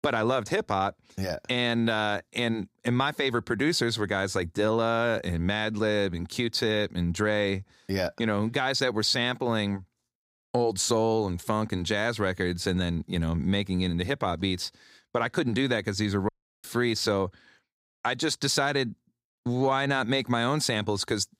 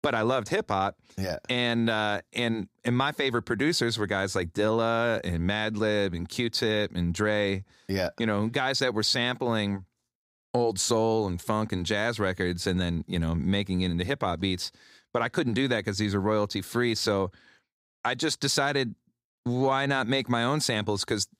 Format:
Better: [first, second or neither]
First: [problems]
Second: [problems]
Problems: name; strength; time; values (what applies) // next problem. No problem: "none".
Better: second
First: audio cutting out; at 16 s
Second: none